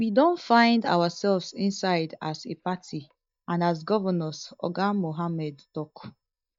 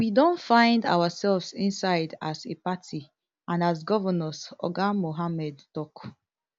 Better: second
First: noise reduction (neural mask model DeepFilterNet 3)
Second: none

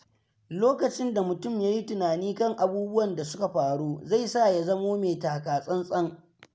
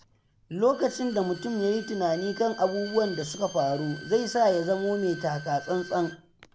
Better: first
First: none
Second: background sound (Bowed string instrument); 17 dB below the speech

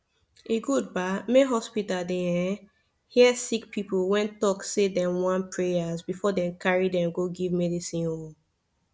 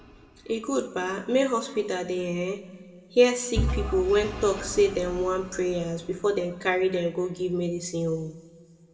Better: first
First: none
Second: background sound (Engine / Vehicle); 11 dB below the speech // room echo; dies away in 1.5 s

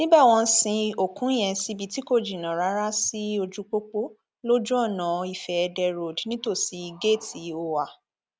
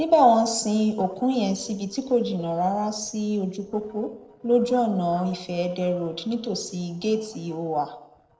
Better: first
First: none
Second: noise reduction (neural separator model SepFormer DNS4)

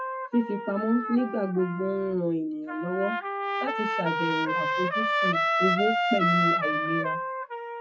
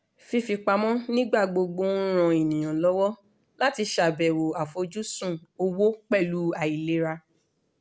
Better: second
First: noise reduction (classical method WPE with log-MMSE)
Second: none

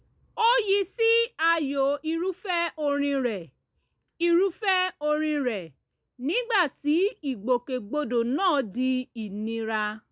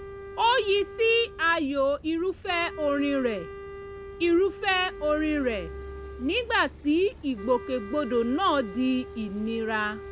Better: first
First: none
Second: background sound (Car passing by / Idling / Accelerating, revving, vroom + Wind instrument, woodwind instrument); 14 dB below the speech

